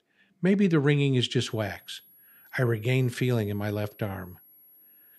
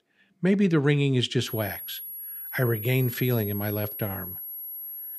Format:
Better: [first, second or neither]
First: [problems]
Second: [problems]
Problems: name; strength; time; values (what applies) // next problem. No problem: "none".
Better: first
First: high-pitched whine; faint; from 1.5 s on; 11.5 kHz, 25 dB below the speech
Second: high-pitched whine; loud; from 1.5 s on; 11.5 kHz, 8 dB below the speech